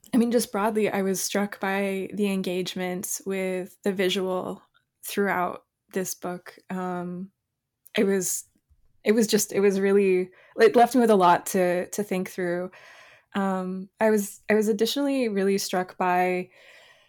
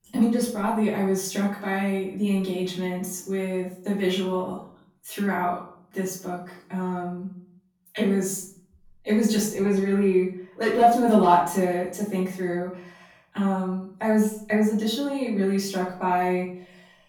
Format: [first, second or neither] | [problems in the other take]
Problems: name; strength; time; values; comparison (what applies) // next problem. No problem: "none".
first | off-mic speech; far // room echo; noticeable; dies away in 0.5 s